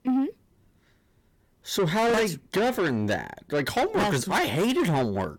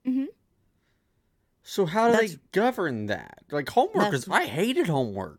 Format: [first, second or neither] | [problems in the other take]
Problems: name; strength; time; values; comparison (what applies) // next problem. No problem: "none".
second | distortion; heavy; 6 dB below the speech